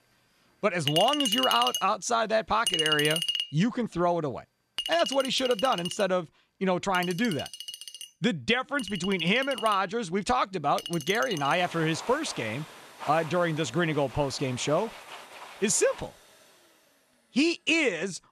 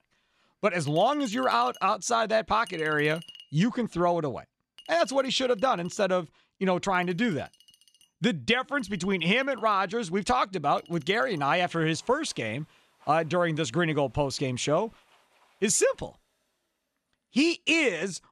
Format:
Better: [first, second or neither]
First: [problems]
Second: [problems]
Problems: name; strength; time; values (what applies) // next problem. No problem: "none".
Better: second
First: household noises; loud; throughout; 5 dB below the speech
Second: household noises; faint; throughout; 25 dB below the speech